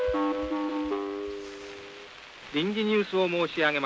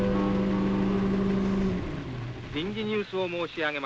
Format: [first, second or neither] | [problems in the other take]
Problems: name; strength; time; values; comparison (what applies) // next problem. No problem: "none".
first | background sound (Engine); 4 dB above the speech